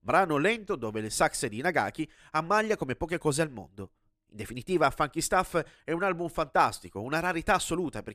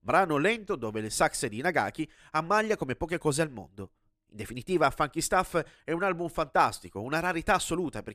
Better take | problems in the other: neither | none

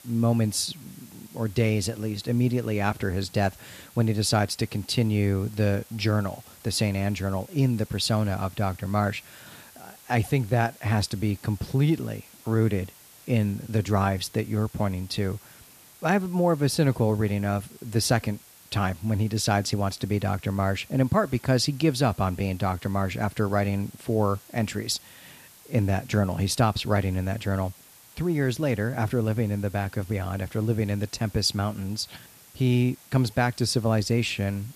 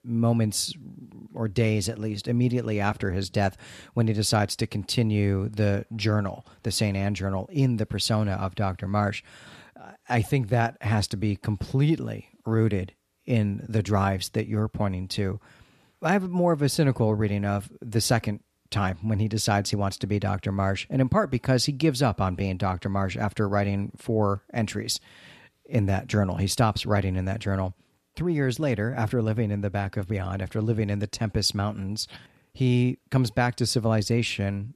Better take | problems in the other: second | hiss; faint; throughout; 25 dB below the speech

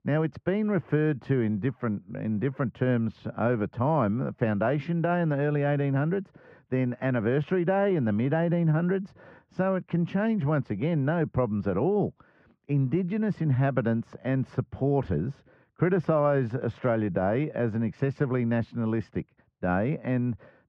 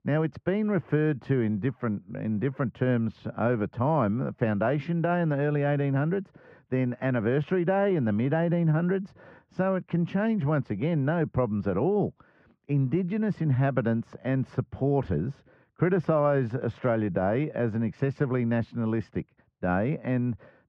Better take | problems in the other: neither | muffled; very; fading above 1 kHz; the same in both

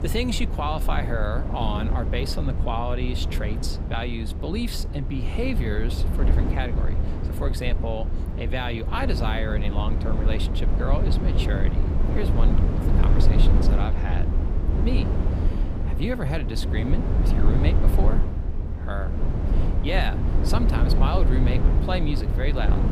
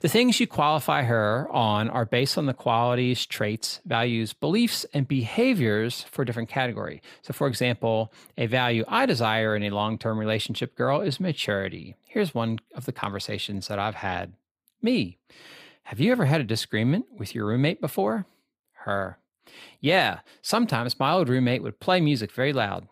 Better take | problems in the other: second | low rumble; loud; throughout; 4 dB below the speech

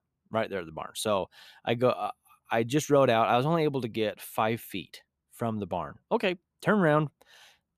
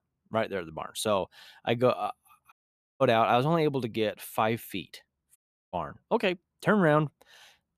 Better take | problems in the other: first | audio cutting out; at 2.5 s and at 5.5 s

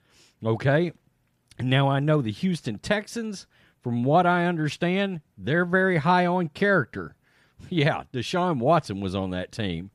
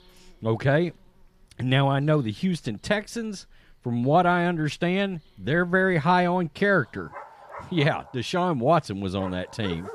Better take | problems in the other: first | animal sounds; noticeable; throughout; 20 dB below the speech

